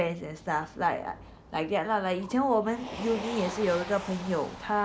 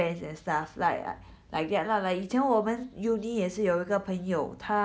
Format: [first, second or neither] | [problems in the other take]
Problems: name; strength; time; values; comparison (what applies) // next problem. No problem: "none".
second | background sound (Motor vehicle (road)); 13 dB below the speech